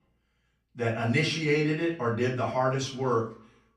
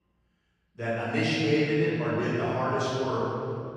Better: first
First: room echo; slight; dies away in 0.3 s // off-mic speech; far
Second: room echo; strong; dies away in 3 s // off-mic speech; far

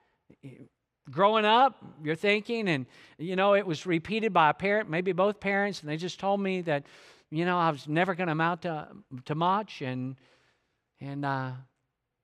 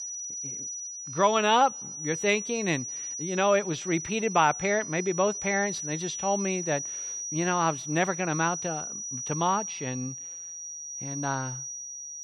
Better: first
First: none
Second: high-pitched whine; loud; throughout; 6 kHz, 6 dB below the speech

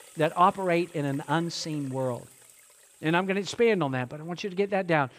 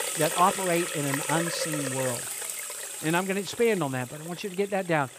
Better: first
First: household noises; faint; throughout; 25 dB below the speech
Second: household noises; loud; throughout; 3 dB below the speech

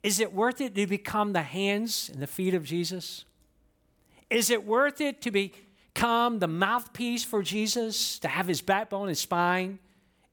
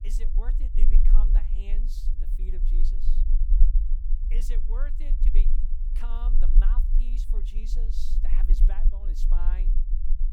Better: first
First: none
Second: low rumble; loud; throughout; 4 dB below the speech

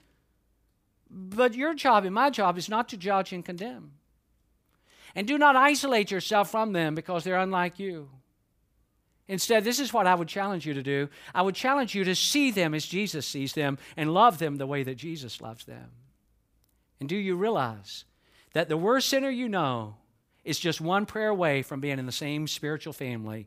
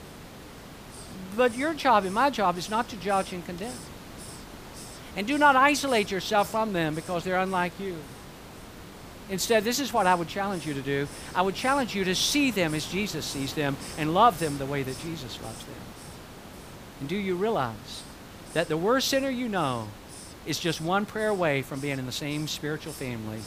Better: first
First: none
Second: hiss; noticeable; throughout; 15 dB below the speech

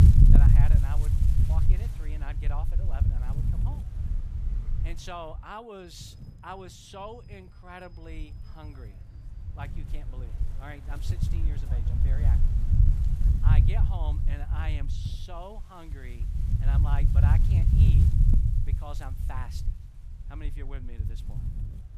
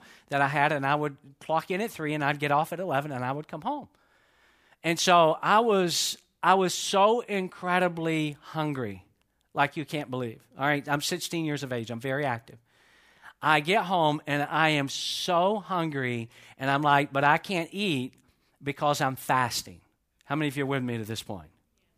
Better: second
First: wind noise on the microphone; heavy; 1 dB above the speech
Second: none

